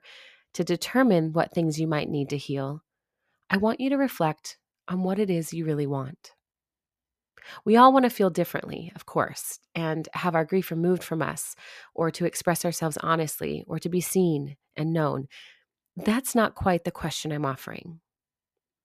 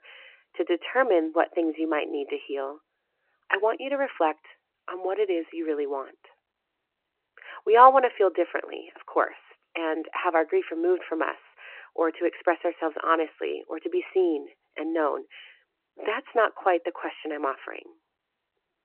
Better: first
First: none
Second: phone-call audio

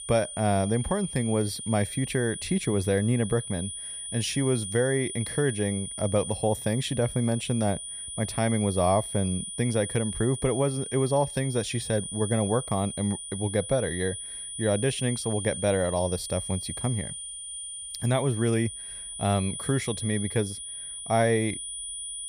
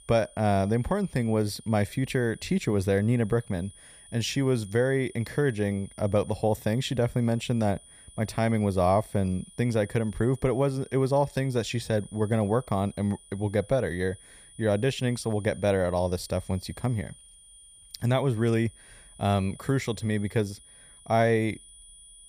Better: second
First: high-pitched whine; loud; throughout; 9.5 kHz, 7 dB below the speech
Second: high-pitched whine; faint; throughout; 9.5 kHz, 20 dB below the speech

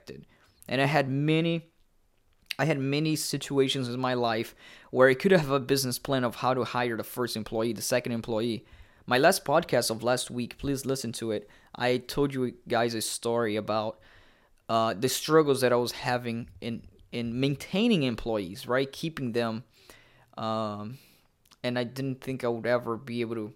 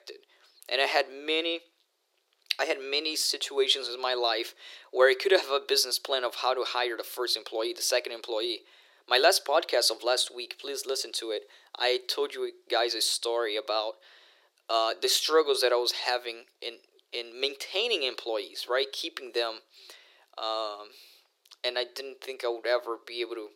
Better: first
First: none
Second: thin; very; fading below 350 Hz

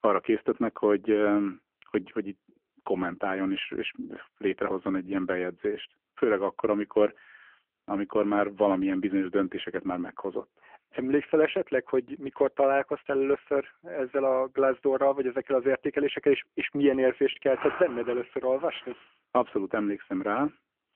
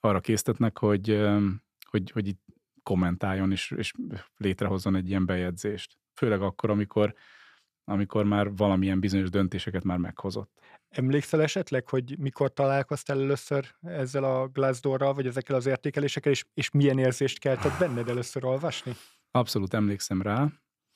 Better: second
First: phone-call audio; nothing above 3 kHz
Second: none

